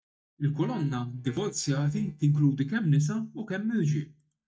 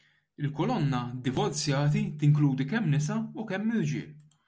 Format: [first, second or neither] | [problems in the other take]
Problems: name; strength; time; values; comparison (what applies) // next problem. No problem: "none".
second | noise reduction (neural mask model DeepFilterNet 3)